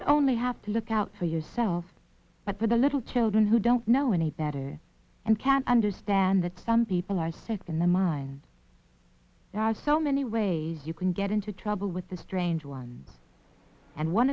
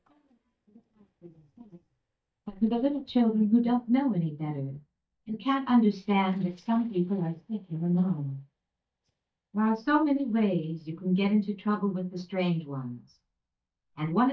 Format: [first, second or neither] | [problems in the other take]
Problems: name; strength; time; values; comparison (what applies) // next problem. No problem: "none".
first | noise reduction (neural mask model DeepFilterNet 3)